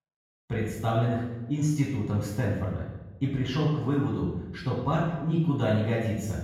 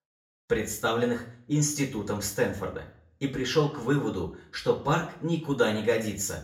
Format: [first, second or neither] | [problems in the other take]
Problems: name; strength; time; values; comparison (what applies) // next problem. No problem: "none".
second | room echo; strong; dies away in 1.3 s; slight in the second // off-mic speech; far; far in the second